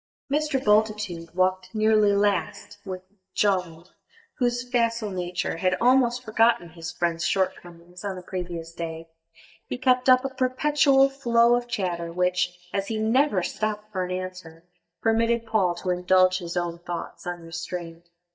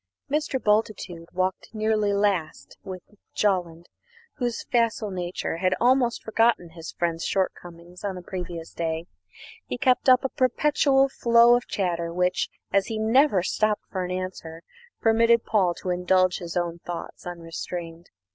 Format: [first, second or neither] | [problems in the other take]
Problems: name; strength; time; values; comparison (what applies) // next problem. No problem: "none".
second | noise reduction (neural mask model DeepFilterNet 3)